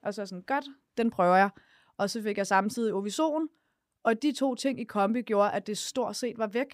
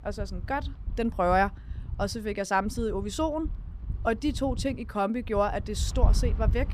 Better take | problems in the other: first | wind noise on the microphone; occasional gusts; 20 dB below the speech

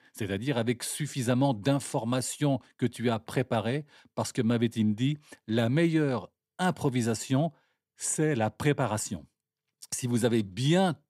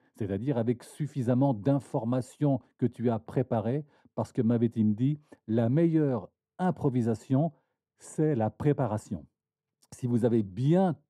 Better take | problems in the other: first | muffled; very; fading above 1.5 kHz

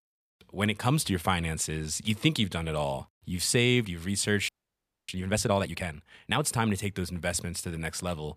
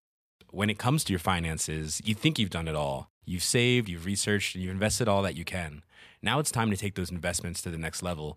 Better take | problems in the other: second | audio freezing; at 4.5 s for 0.5 s

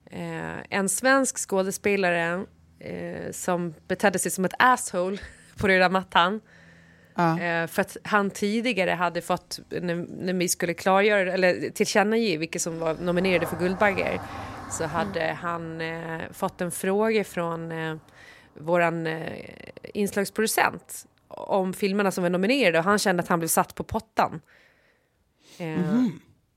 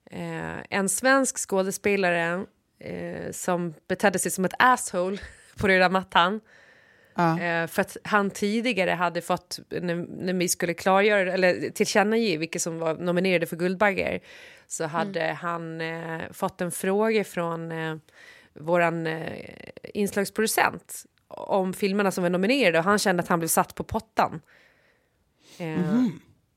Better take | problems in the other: second | traffic noise; noticeable; throughout; 15 dB below the speech

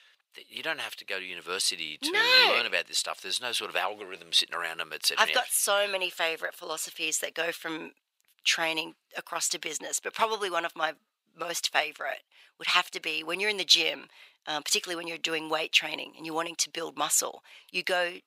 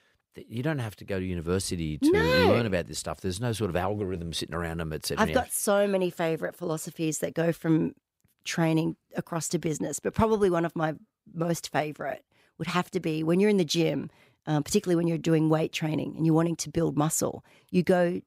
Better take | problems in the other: second | thin; very; fading below 850 Hz

